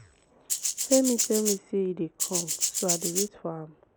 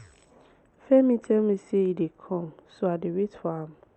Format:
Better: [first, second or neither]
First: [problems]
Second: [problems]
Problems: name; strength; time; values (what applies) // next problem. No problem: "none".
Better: second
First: background sound (Rattle (instrument)); 1 dB above the speech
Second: none